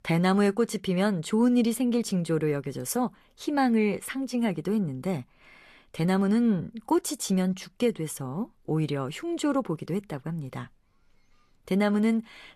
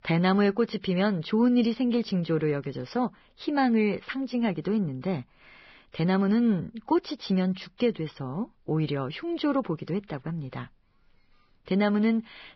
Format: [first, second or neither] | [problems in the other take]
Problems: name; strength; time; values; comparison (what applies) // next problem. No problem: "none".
first | garbled, watery; badly; nothing above 5.5 kHz; slightly in the first